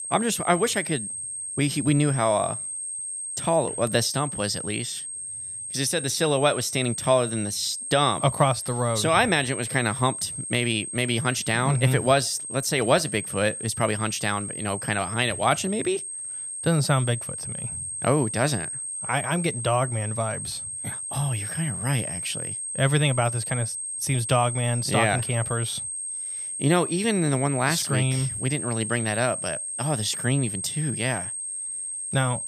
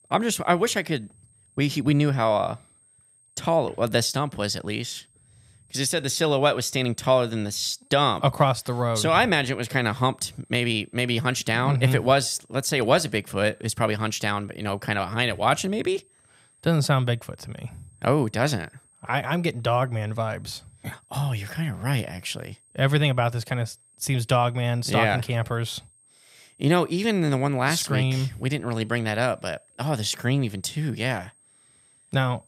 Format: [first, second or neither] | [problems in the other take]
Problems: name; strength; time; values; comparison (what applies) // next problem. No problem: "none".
second | high-pitched whine; loud; throughout; 8.5 kHz, 5 dB below the speech; faint in the second